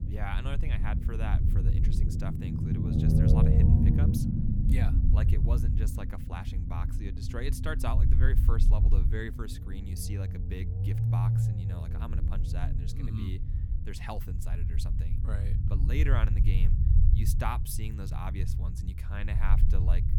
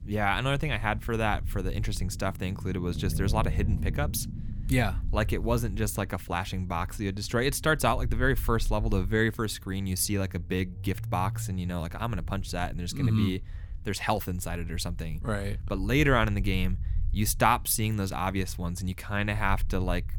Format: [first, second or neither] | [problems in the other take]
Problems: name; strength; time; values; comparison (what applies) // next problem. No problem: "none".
second | low rumble; loud; throughout; as loud as the speech; faint in the second